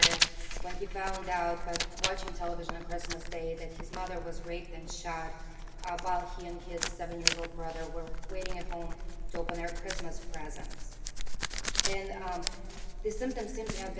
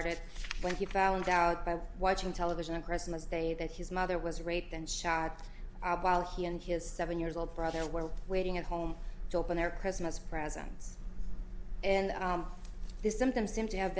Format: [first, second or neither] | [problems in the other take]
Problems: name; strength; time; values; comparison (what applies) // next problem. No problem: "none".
second | background sound (Writing); 3 dB below the speech // room echo; dies away in 2.4 s